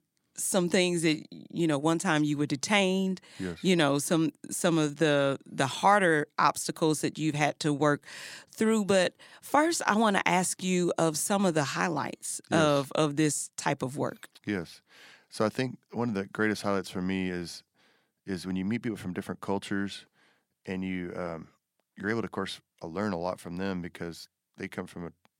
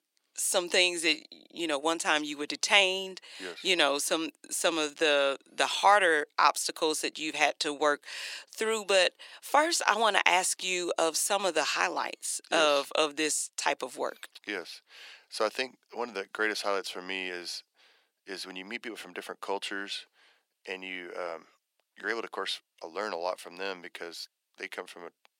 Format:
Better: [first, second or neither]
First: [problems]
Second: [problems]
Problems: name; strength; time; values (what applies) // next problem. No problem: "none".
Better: first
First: none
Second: thin; very; fading below 450 Hz